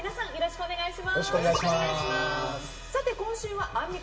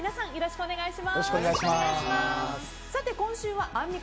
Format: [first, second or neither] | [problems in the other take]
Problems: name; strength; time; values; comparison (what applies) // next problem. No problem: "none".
second | room echo; dies away in 0.7 s